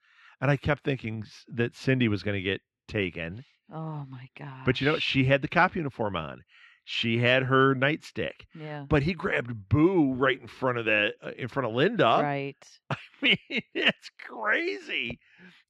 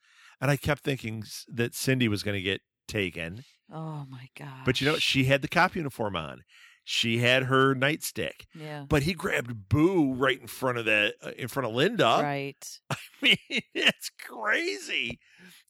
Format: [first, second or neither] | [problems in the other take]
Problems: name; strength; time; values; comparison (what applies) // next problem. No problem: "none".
second | muffled; slightly; fading above 3 kHz